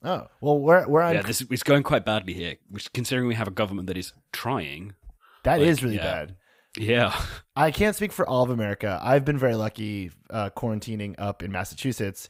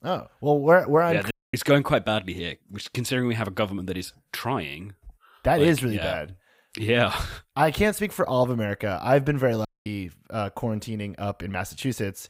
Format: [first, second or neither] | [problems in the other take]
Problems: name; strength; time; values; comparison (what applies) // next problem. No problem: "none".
first | audio cutting out; at 1.5 s and at 9.5 s